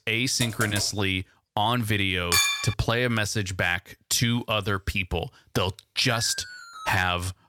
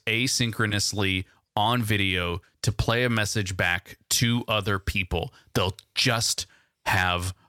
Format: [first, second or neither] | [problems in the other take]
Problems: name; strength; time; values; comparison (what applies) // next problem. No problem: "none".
second | keyboard typing; noticeable; at 0.5 s; peak 7 dB below the speech // clattering dishes; loud; at 2.5 s; peak 5 dB above the speech // alarm; faint; at 6 s; peak 10 dB below the speech